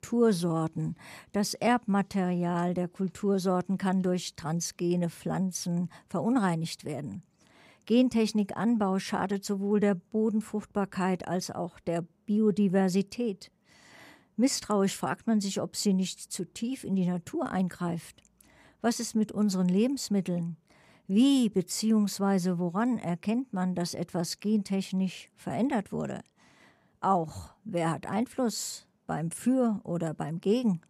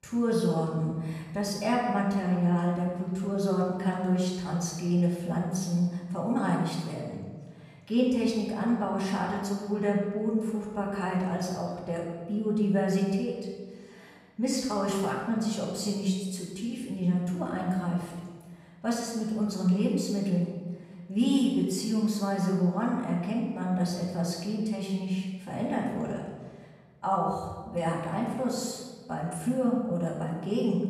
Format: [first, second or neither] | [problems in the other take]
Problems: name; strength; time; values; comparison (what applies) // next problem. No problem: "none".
first | off-mic speech; far // room echo; noticeable; dies away in 1.3 s